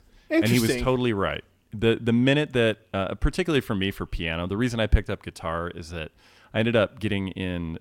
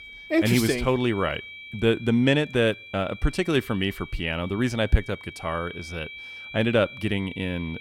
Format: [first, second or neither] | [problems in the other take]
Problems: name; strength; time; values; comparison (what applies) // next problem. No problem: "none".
first | high-pitched whine; noticeable; throughout; 2.5 kHz, 15 dB below the speech